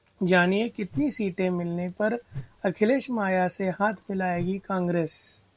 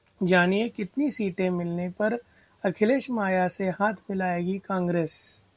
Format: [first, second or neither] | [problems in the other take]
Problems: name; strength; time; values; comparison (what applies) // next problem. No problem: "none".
second | background sound (Whoosh, swoosh, swish); 18 dB below the speech